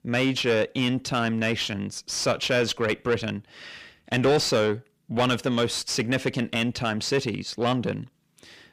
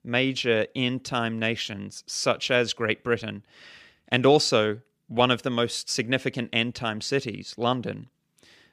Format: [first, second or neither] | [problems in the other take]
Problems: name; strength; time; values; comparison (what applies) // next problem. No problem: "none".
second | distortion; heavy; 8 dB below the speech